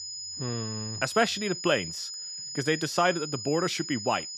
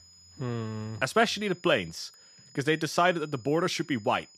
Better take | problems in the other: second | high-pitched whine; loud; throughout; 5 kHz, 7 dB below the speech; faint in the second

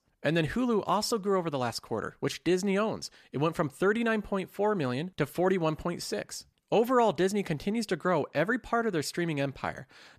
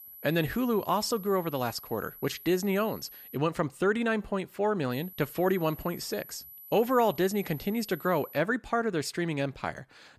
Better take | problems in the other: first | high-pitched whine; noticeable; until 3.5 s and from 5 to 8.5 s; 12 kHz, 15 dB below the speech

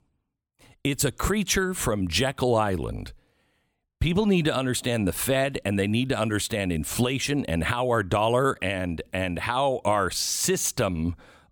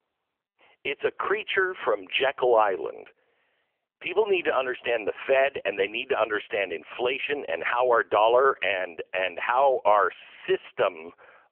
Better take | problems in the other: first | phone-call audio; poor line; nothing above 3 kHz

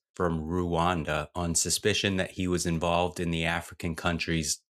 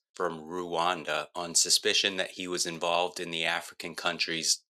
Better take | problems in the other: first | thin; somewhat; fading below 400 Hz

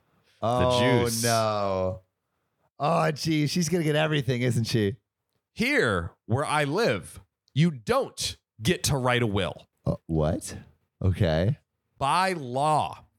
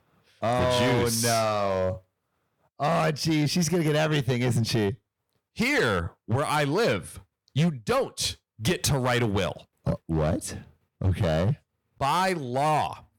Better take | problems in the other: first | distortion; slight; 9% of the sound clipped

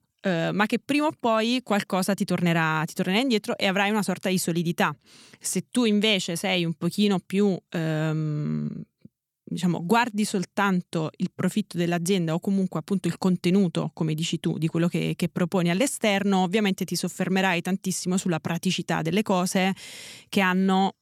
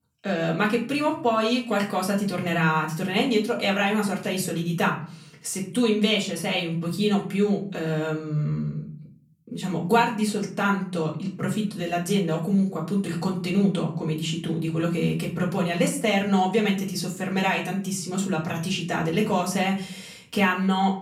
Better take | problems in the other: first | off-mic speech; far // room echo; slight; dies away in 0.4 s

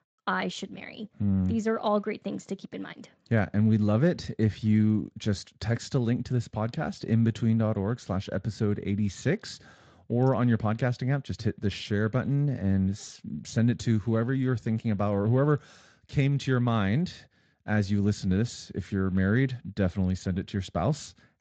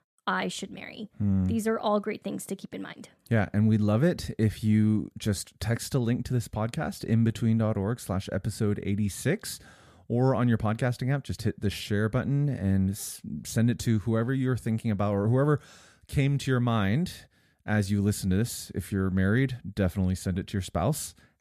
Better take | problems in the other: second | garbled, watery; slightly; nothing above 7.5 kHz

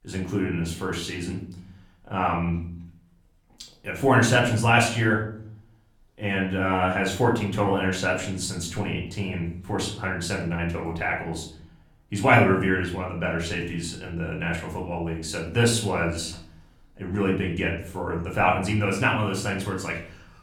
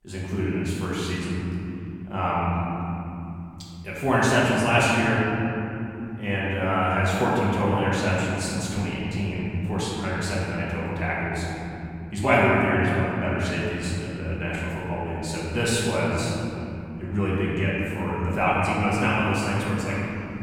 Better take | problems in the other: first | room echo; strong; dies away in 3 s; slight in the first // off-mic speech; far; far in the first

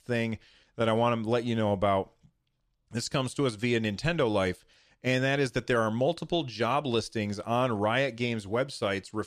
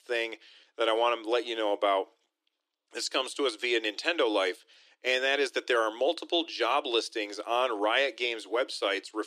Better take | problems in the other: first | thin; very; fading below 300 Hz

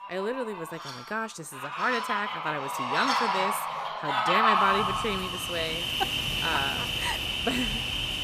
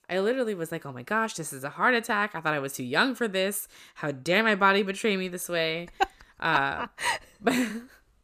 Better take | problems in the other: second | animal sounds; very loud; throughout; 4 dB above the speech

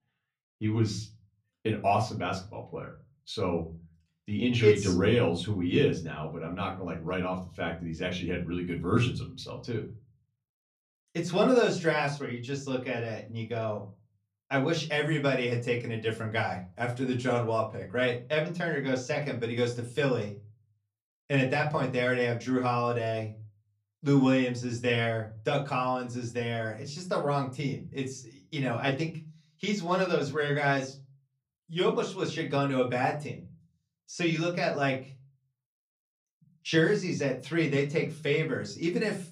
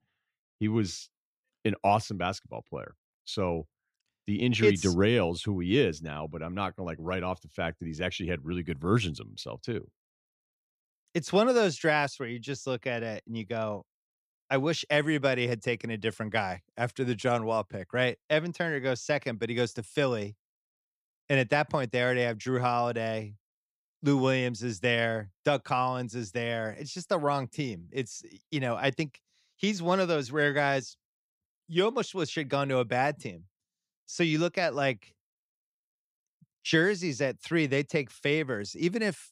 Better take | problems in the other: second | off-mic speech; far // room echo; very slight; dies away in 0.3 s

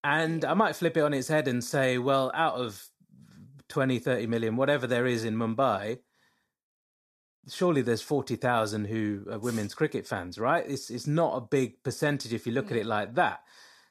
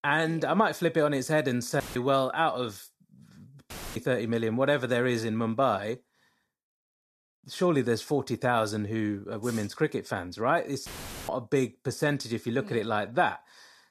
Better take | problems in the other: first | audio cutting out; filled with static; at 2 s, at 3.5 s and at 11 s

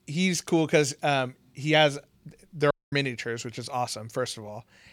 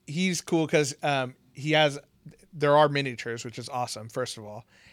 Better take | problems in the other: second | audio cutting out; at 2.5 s

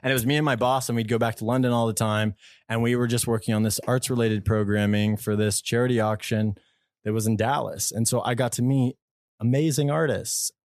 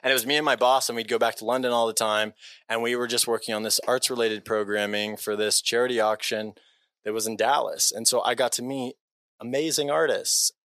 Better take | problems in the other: first | thin; very; fading below 500 Hz

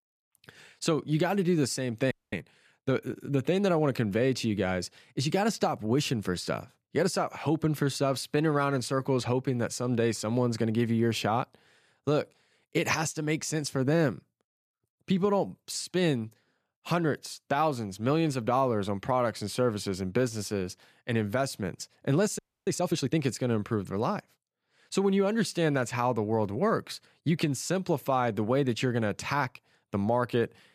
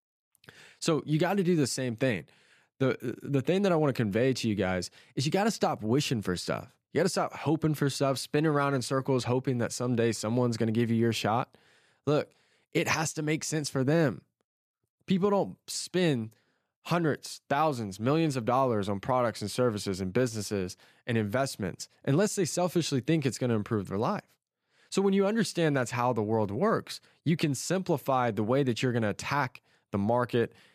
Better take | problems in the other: second | audio freezing; at 2 s and at 22 s

